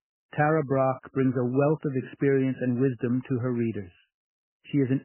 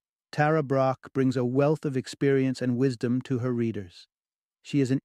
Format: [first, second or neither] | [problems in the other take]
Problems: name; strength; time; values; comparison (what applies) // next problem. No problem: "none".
second | garbled, watery; badly; nothing above 3 kHz